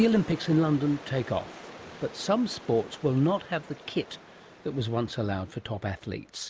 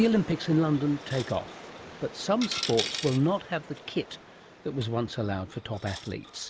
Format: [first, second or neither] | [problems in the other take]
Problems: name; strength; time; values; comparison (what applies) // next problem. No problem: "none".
first | background sound (Coin (dropping)); 13 dB below the speech